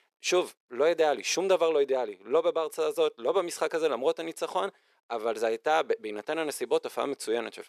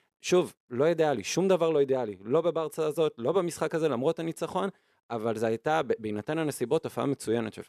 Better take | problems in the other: second | thin; somewhat; fading below 500 Hz

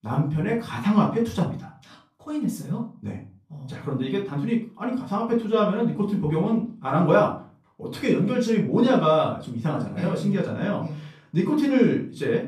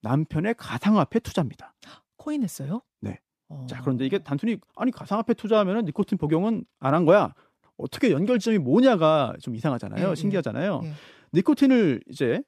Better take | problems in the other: second | room echo; slight; dies away in 0.3 s // off-mic speech; far

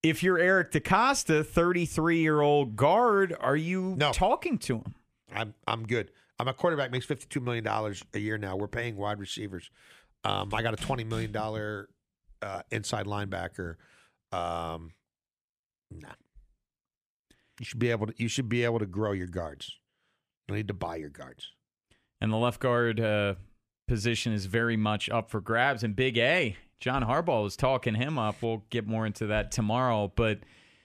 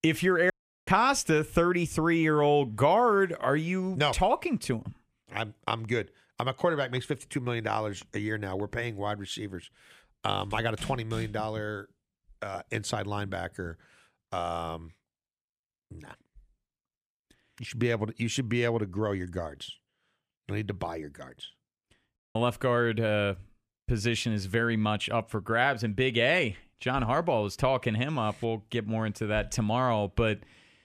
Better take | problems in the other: first | audio cutting out; at 0.5 s and at 22 s

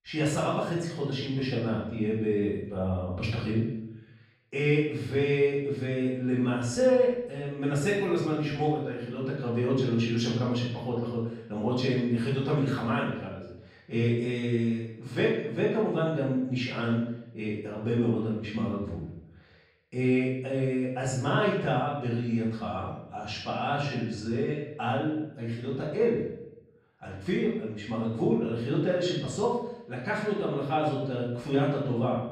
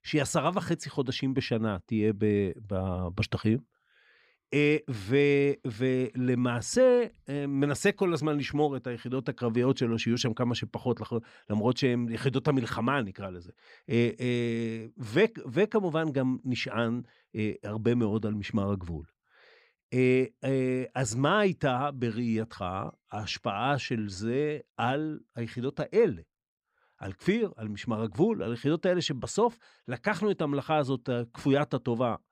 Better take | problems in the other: second | off-mic speech; far // room echo; noticeable; dies away in 0.7 s

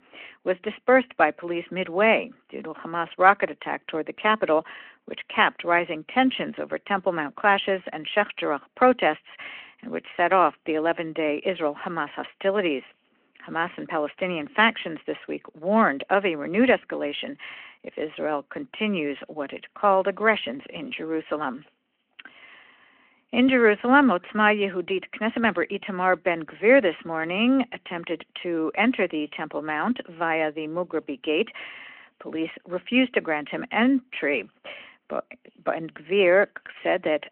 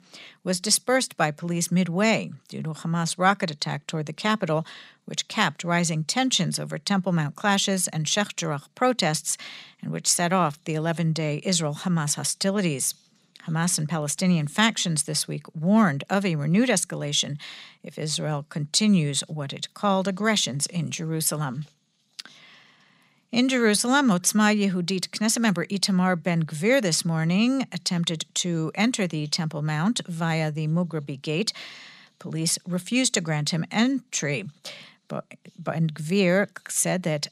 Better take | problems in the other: second | phone-call audio

